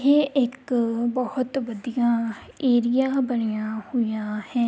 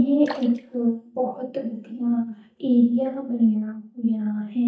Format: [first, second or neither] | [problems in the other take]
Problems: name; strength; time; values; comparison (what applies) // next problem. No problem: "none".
first | noise reduction (neural mask model DeepFilterNet 3)